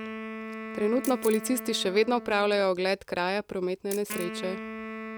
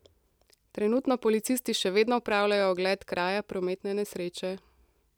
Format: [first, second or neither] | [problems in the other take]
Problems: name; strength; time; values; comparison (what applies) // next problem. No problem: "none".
second | background sound (Wind instrument, woodwind instrument + Camera); 11 dB below the speech